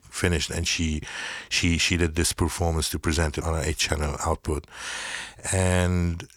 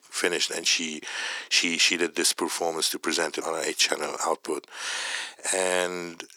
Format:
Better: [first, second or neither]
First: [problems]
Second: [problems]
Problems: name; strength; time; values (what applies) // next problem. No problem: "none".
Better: first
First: none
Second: thin; somewhat; fading below 300 Hz